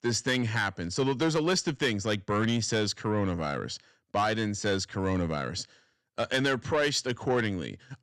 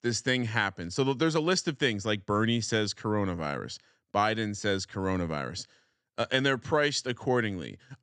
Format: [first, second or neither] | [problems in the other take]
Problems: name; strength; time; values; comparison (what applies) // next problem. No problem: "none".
second | distortion; slight; 10 dB below the speech